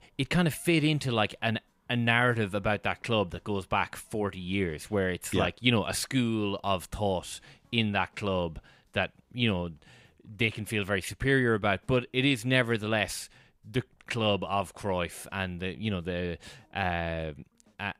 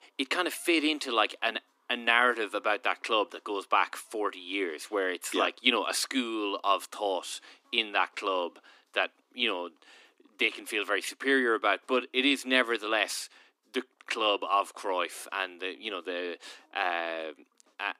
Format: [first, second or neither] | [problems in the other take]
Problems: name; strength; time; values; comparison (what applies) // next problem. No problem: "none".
first | thin; somewhat; fading below 250 Hz